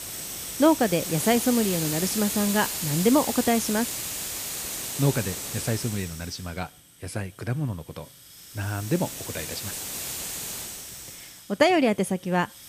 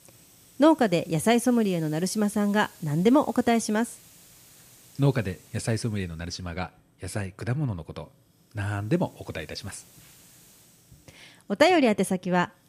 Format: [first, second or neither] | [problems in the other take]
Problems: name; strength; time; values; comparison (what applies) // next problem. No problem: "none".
second | hiss; loud; throughout; 5 dB below the speech; faint in the second